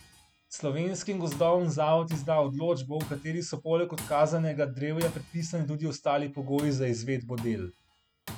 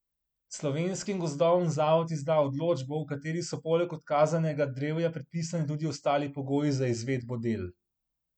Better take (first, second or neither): second